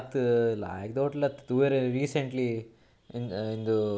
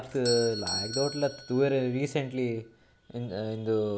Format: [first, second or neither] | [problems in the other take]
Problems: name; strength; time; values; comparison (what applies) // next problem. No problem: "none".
first | background sound (Doorbell); 10 dB below the speech